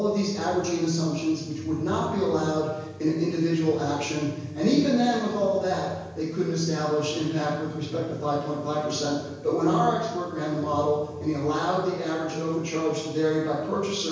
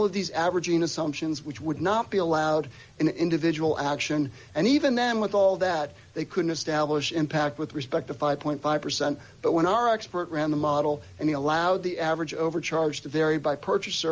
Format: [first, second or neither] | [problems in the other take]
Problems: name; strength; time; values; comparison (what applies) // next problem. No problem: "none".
second | room echo; dies away in 1 s